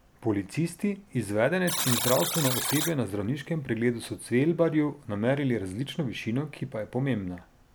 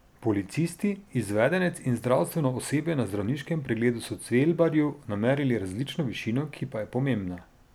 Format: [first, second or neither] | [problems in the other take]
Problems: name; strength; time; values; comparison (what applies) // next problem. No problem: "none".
second | background sound (Alarm); 5 dB below the speech